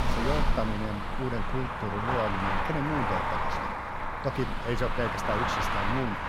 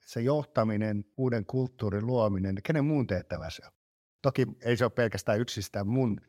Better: second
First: traffic noise; very loud; throughout; 2 dB above the speech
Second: none

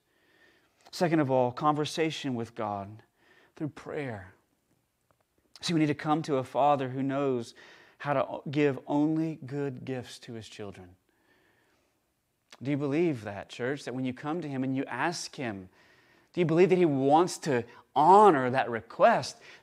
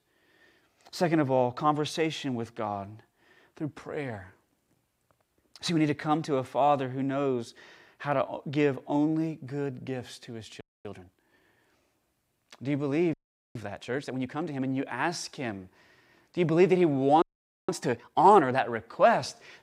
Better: first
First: none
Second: audio freezing; at 11 s, at 13 s and at 17 s

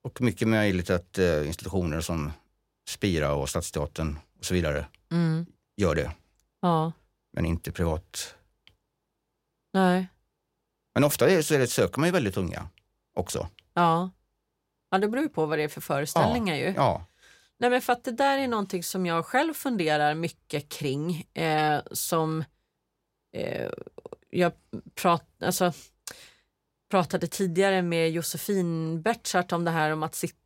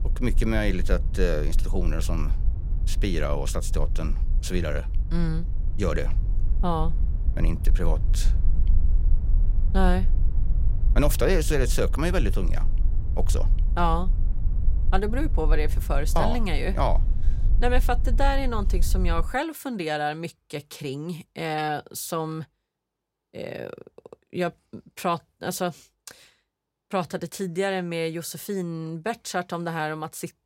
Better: first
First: none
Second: low rumble; noticeable; until 19 s; 20 dB below the speech

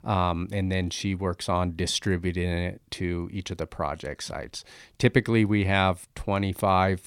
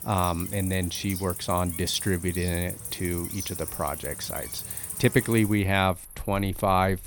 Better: first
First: none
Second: animal sounds; loud; throughout; 7 dB below the speech

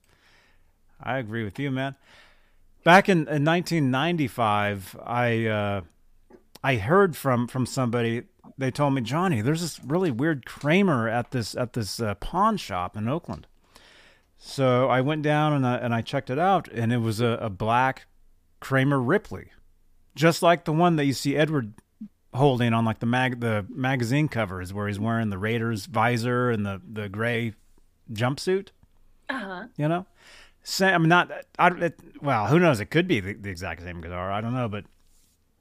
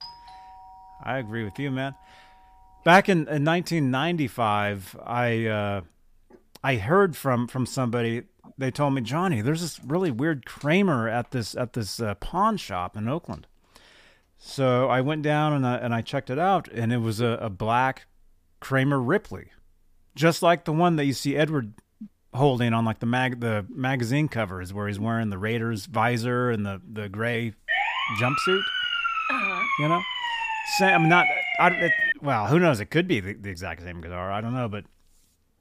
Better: first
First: none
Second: doorbell; faint; until 3 s; peak 15 dB below the speech // siren; loud; from 28 to 32 s; peak 4 dB above the speech

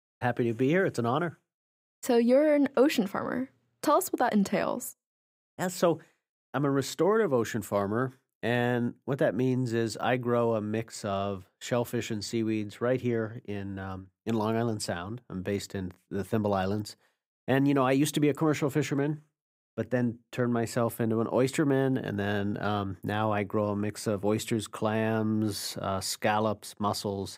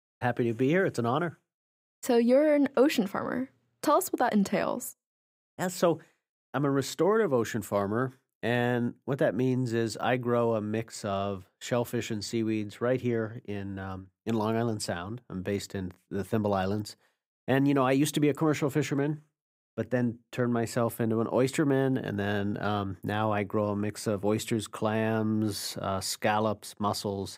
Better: neither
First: none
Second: none

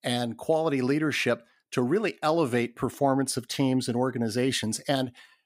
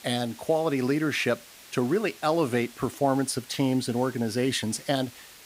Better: first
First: none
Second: hiss; noticeable; throughout; 20 dB below the speech

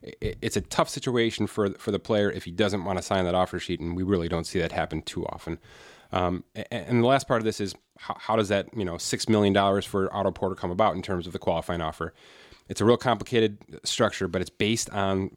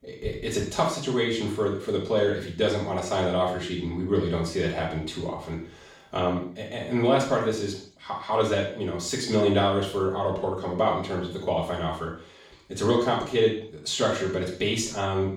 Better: first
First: none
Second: room echo; noticeable; dies away in 0.5 s // off-mic speech; far

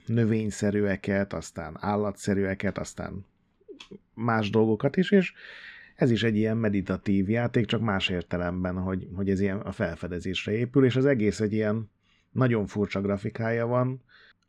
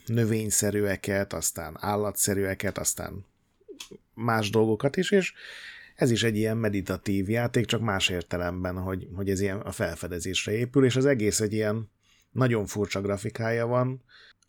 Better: second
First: muffled; slightly; fading above 3 kHz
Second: none

